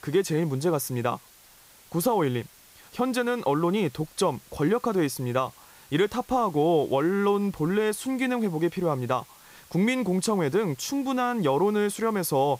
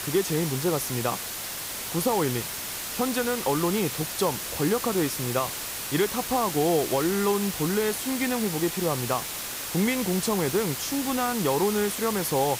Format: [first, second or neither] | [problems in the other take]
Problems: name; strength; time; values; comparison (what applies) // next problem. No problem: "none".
first | hiss; loud; throughout; 4 dB below the speech; faint in the first